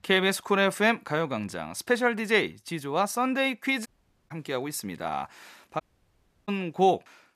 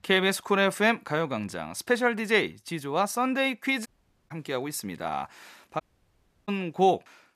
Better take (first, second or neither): neither